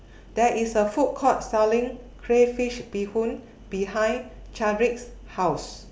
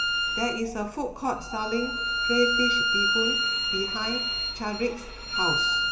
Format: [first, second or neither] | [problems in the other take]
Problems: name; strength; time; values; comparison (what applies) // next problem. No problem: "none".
first | background sound (Bowed string instrument); 4 dB above the speech // room echo; dies away in 2.7 s